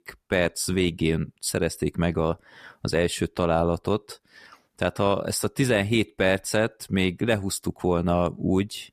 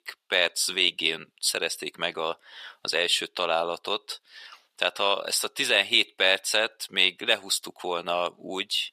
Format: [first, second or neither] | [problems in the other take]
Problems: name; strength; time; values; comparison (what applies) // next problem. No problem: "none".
first | thin; very; fading below 650 Hz